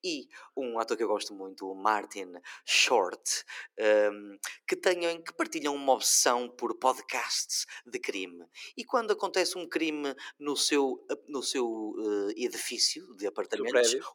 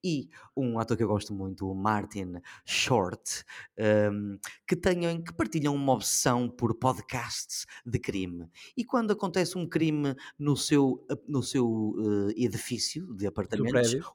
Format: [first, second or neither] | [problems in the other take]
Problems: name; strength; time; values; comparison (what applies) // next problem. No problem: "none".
second | thin; somewhat; fading below 350 Hz